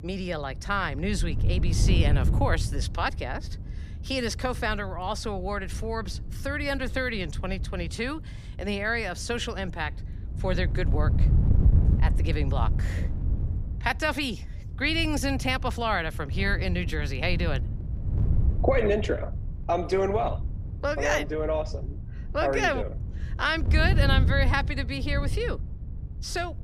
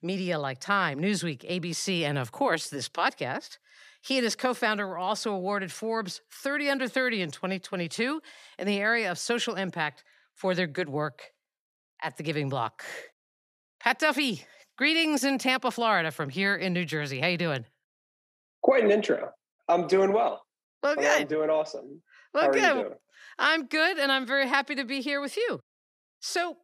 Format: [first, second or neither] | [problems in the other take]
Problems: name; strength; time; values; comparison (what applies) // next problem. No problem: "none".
second | wind noise on the microphone; occasional gusts; 15 dB below the speech